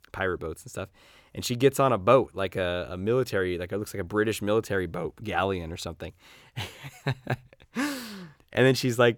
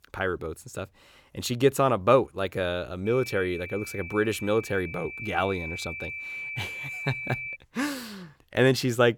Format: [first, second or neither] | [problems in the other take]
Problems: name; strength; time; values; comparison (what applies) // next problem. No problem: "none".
first | high-pitched whine; loud; from 3 to 7.5 s; 2.5 kHz, 8 dB below the speech